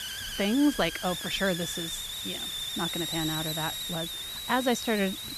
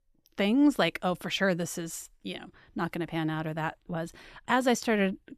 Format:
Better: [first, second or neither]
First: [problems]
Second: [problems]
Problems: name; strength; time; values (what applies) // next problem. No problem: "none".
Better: second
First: hiss; loud; throughout; 3 dB below the speech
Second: none